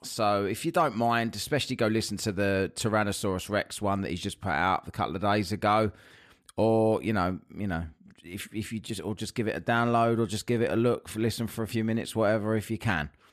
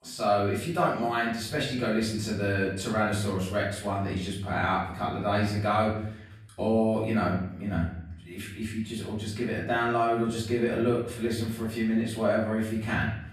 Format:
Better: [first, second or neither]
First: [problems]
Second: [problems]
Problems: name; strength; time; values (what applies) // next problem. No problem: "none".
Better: first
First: none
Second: off-mic speech; far // room echo; noticeable; dies away in 0.7 s